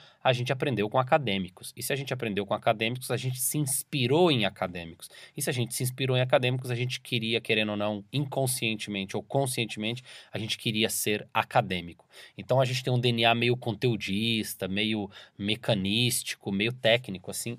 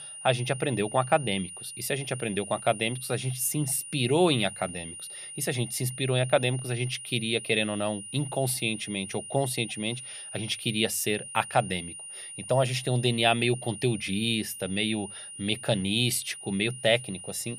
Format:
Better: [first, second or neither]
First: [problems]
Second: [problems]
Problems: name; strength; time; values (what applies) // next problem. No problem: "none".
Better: first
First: none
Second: high-pitched whine; noticeable; throughout; 9.5 kHz, 10 dB below the speech